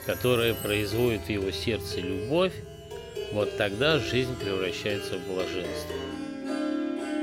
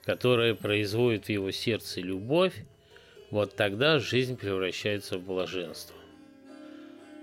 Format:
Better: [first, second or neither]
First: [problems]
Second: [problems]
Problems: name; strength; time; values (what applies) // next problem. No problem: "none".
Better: second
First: background music; loud; throughout; 7 dB below the speech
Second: background music; faint; throughout; 25 dB below the speech